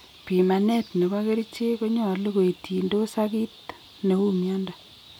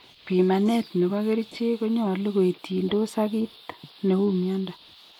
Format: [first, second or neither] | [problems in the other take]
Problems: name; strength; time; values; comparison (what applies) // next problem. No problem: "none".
first | noise reduction (neural mask model Resemble Enhance denoiser)